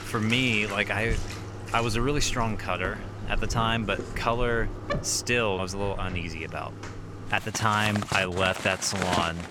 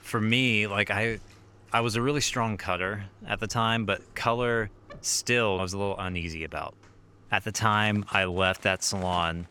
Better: second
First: household noises; loud; throughout; 8 dB below the speech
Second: household noises; faint; throughout; 25 dB below the speech

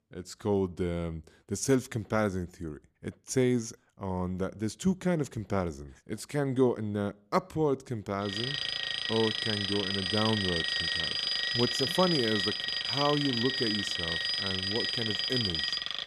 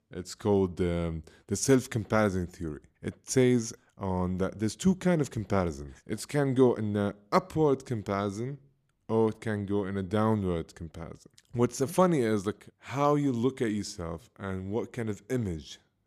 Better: second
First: alarm; loud; from 8 s on; peak 4 dB above the speech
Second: none

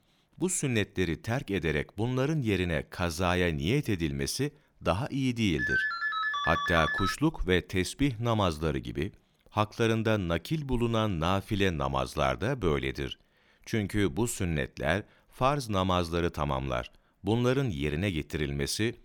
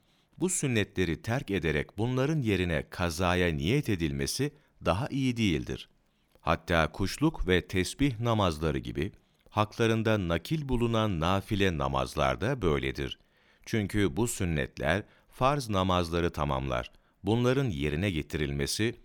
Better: second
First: phone ringing; loud; from 5.5 to 7 s; peak 2 dB above the speech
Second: none

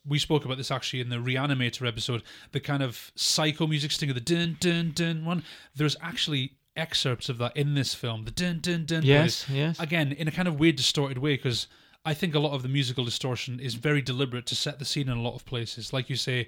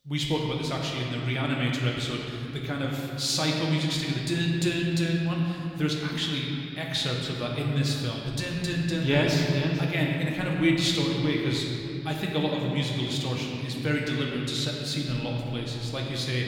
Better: first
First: none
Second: room echo; noticeable; dies away in 2.5 s // off-mic speech; somewhat distant

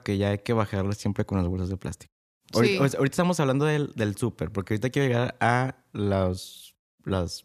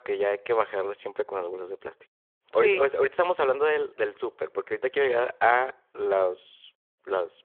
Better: first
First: none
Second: phone-call audio

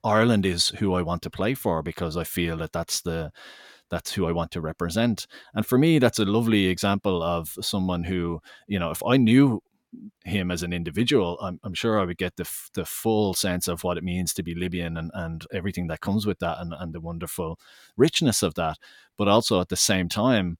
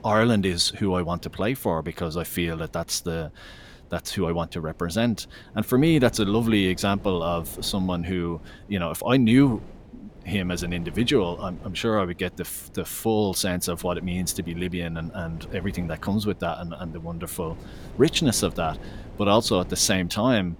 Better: first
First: none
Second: wind noise on the microphone; occasional gusts; 25 dB below the speech

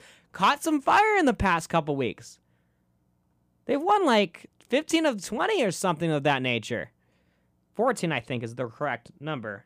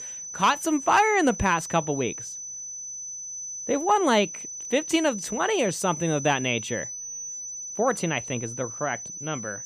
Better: first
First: none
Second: high-pitched whine; loud; throughout; 6 kHz, 9 dB below the speech

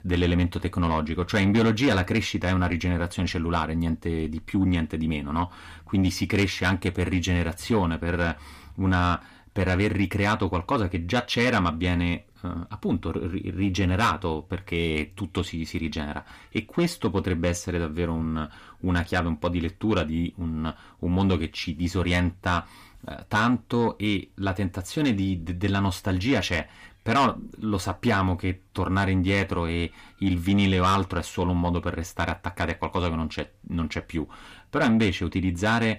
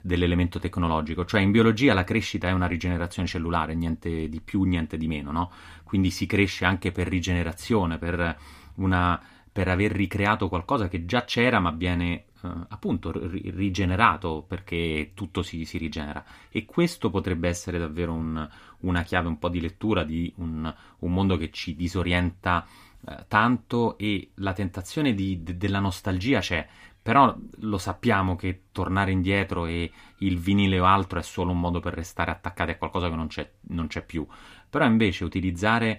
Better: second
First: distortion; slight; 10 dB below the speech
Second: none

